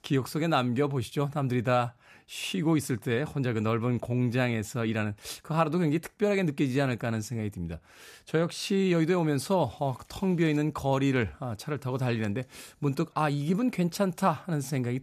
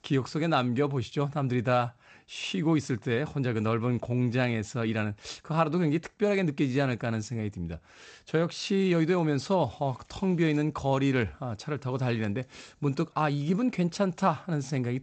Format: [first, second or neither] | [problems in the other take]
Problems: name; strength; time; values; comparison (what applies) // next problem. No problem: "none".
first | garbled, watery; slightly; nothing above 8 kHz